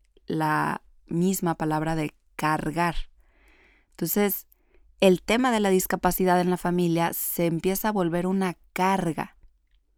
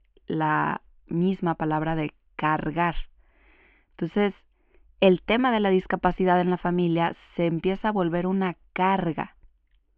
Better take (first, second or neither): first